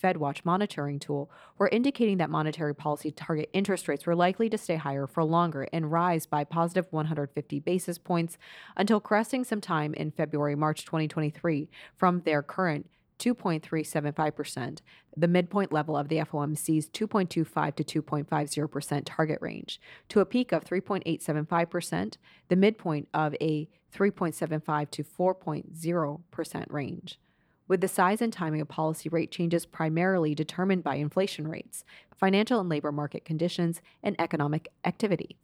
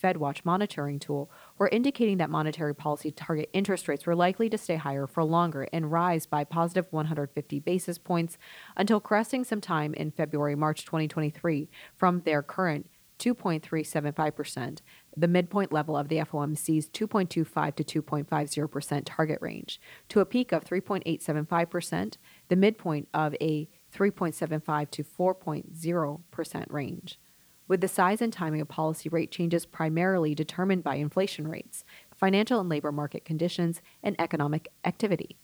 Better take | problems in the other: first | hiss; faint; throughout; 30 dB below the speech

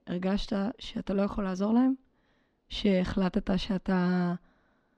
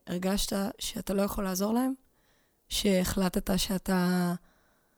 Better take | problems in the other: second | muffled; slightly; fading above 3.5 kHz

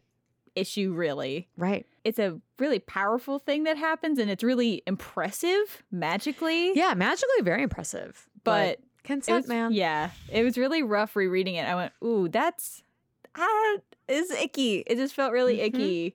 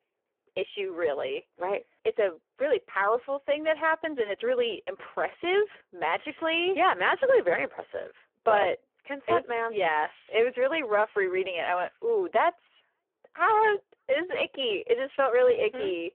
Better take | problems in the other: first | phone-call audio; poor line

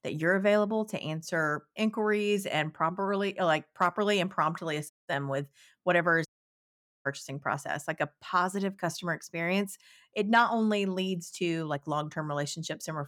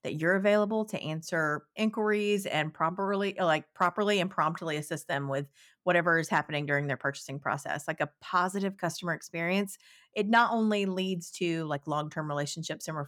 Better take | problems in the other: second | audio cutting out; at 5 s and at 6.5 s for 1 s

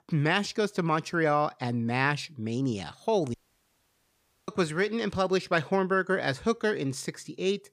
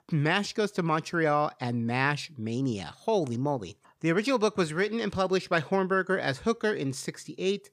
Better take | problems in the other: second | audio cutting out; at 3.5 s for 1 s

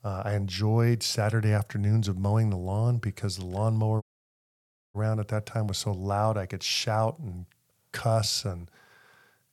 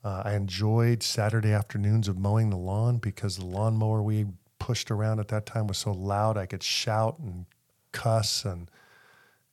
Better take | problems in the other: second | audio cutting out; at 4 s for 1 s

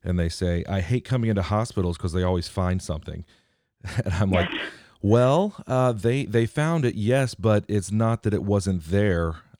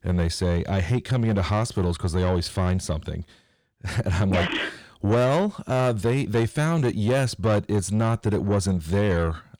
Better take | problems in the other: first | distortion; slight; 10 dB below the speech

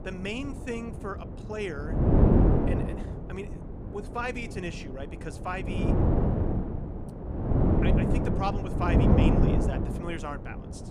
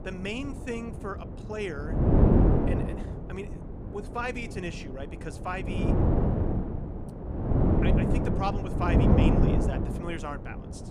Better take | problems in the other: neither | wind noise on the microphone; heavy; 4 dB above the speech; the same in both

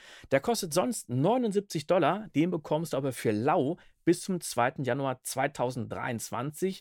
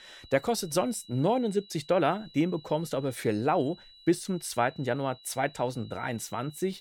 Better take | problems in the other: first | high-pitched whine; faint; throughout; 4 kHz, 20 dB below the speech

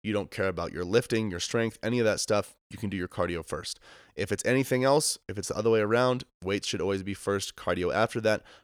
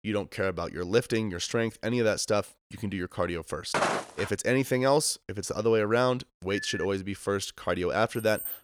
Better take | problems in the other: first | footsteps; loud; at 3.5 s; peak 1 dB above the speech // phone ringing; noticeable; at 6.5 s; peak 8 dB below the speech // jangling keys; noticeable; at 8 s; peak 7 dB below the speech

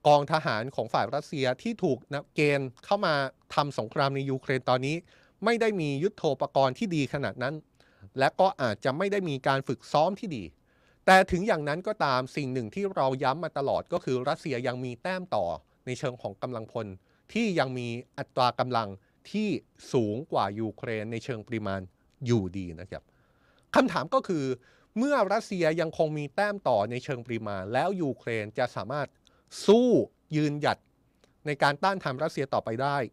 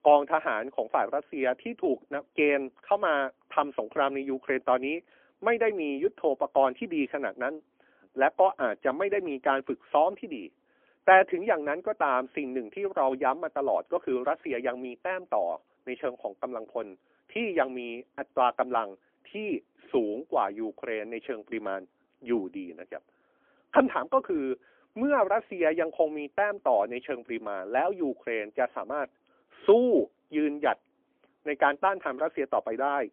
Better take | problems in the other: first | phone-call audio; poor line; nothing above 3.5 kHz

